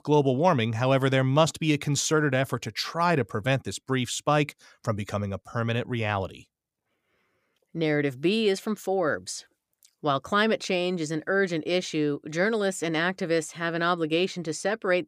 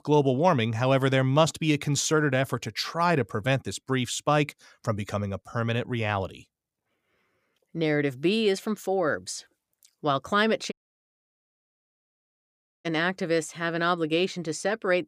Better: first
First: none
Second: audio cutting out; at 11 s for 2 s

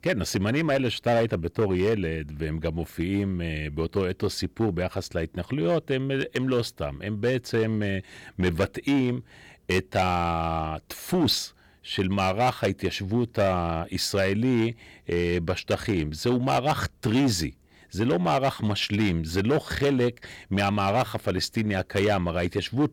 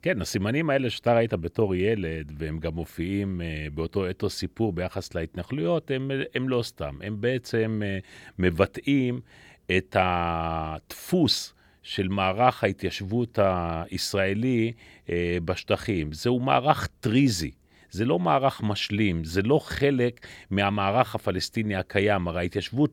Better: second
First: distortion; slight; 7% of the sound clipped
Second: none

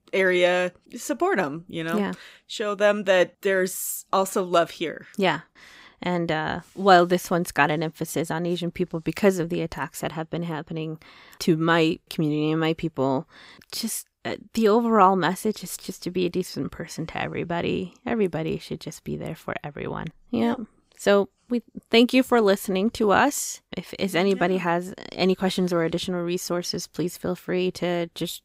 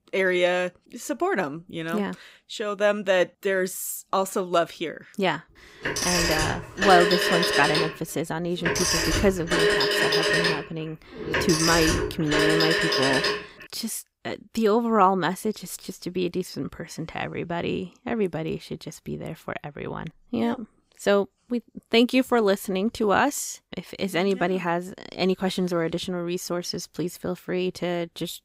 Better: first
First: none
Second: phone ringing; loud; from 6 to 13 s; peak 6 dB above the speech

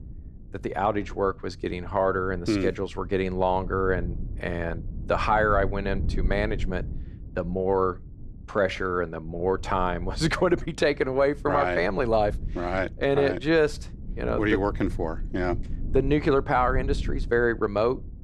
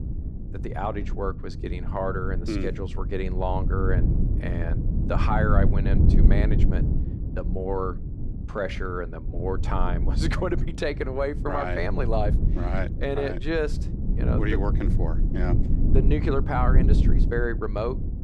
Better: first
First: low rumble; faint; throughout; 25 dB below the speech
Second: low rumble; loud; throughout; 8 dB below the speech

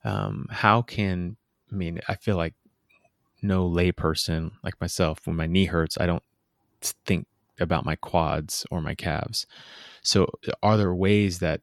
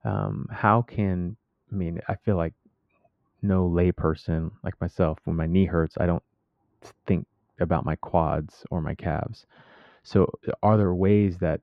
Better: first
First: none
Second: muffled; very; fading above 3.5 kHz

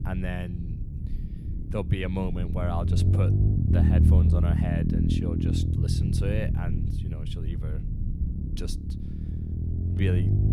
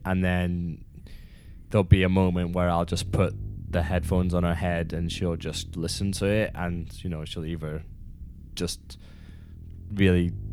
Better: second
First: low rumble; loud; throughout; 1 dB below the speech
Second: low rumble; faint; throughout; 25 dB below the speech

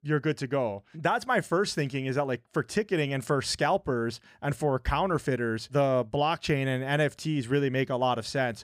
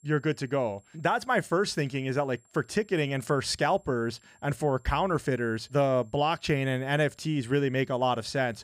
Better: first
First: none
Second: high-pitched whine; faint; throughout; 7.5 kHz, 35 dB below the speech

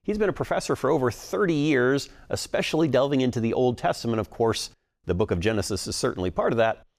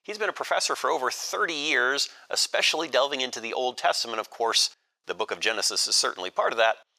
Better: first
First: none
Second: thin; very; fading below 800 Hz

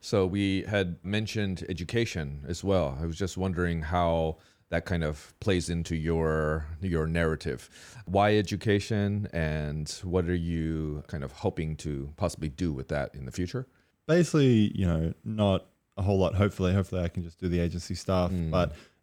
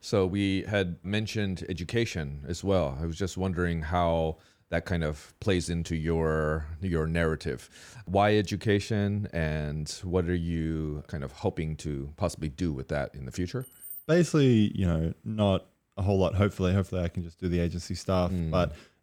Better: first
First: none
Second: jangling keys; faint; at 14 s; peak 10 dB below the speech

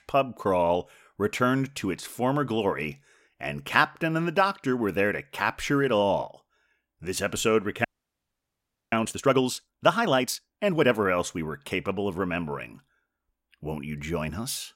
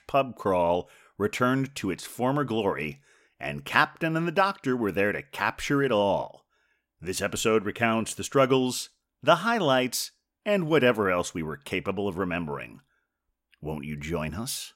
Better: second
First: audio freezing; at 8 s for 1 s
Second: none

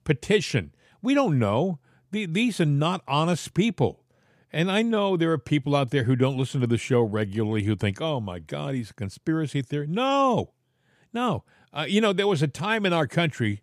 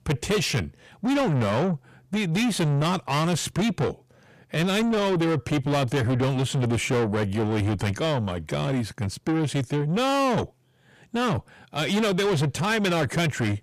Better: first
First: none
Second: distortion; heavy; 7 dB below the speech

